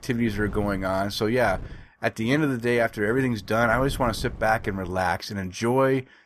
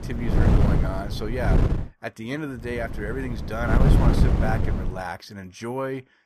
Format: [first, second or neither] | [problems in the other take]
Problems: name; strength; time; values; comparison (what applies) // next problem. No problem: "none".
first | wind noise on the microphone; heavy; until 2 s and from 2.5 to 5 s; as loud as the speech; occasional gusts in the first